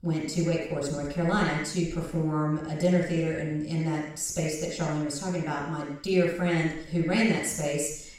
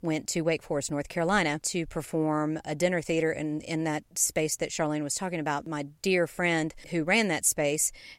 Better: second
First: room echo; noticeable; dies away in 0.7 s // off-mic speech; far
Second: none

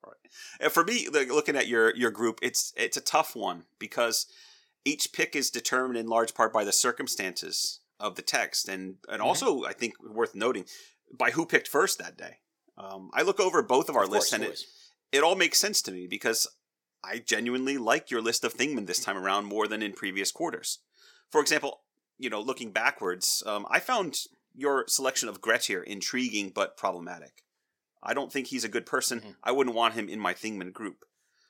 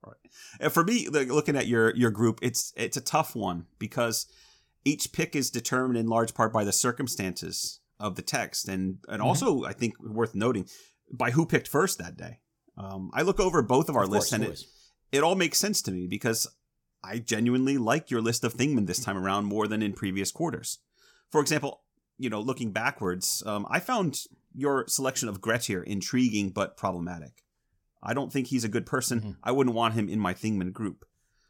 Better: second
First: thin; somewhat; fading below 400 Hz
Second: none

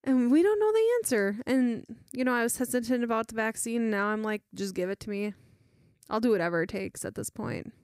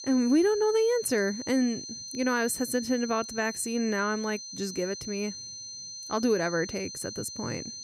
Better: first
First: none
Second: high-pitched whine; loud; throughout; 4 kHz, 9 dB below the speech

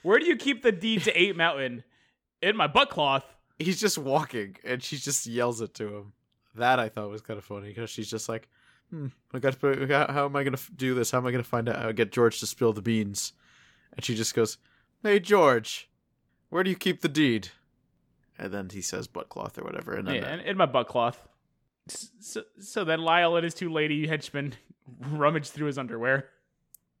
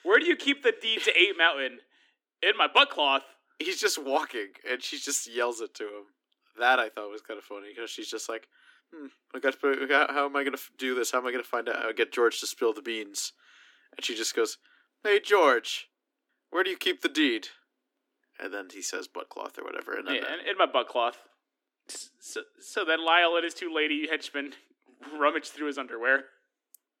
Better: first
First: none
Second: thin; somewhat; fading below 250 Hz

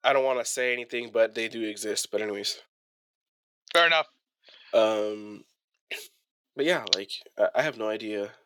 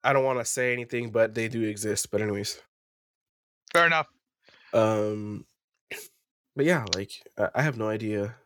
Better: second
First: thin; somewhat; fading below 350 Hz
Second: none

